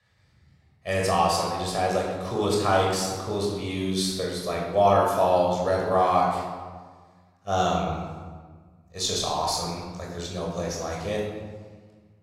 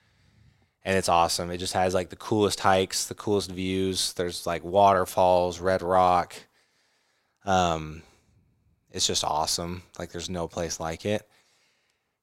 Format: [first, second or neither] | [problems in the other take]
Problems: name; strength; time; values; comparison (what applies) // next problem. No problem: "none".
second | off-mic speech; far // room echo; noticeable; dies away in 1.3 s